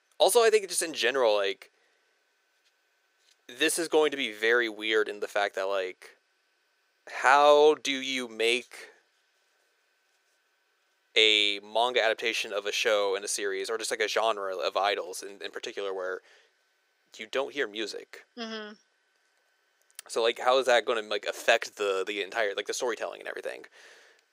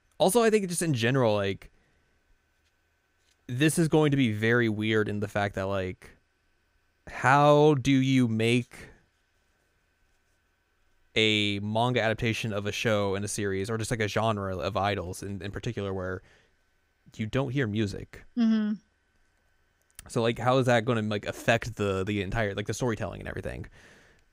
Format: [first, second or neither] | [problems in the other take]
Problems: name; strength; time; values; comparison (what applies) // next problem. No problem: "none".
second | thin; very; fading below 400 Hz